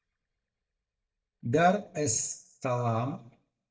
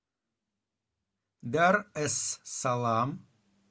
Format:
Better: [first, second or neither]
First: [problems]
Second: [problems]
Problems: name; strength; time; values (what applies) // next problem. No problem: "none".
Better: second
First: noise reduction (neural mask model DeepFilterNet 3)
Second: none